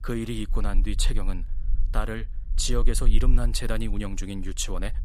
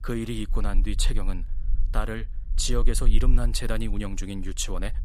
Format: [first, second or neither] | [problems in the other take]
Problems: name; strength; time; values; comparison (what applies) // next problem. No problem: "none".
neither | low rumble; faint; throughout; 20 dB below the speech; the same in both